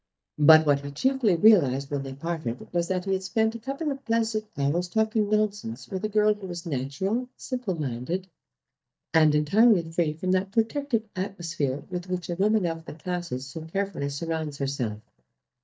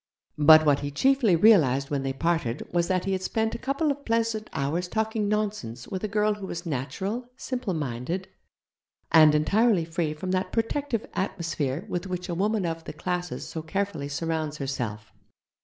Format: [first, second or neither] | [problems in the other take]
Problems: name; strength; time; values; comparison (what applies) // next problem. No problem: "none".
second | noise reduction (neural mask model DeepFilterNet 3)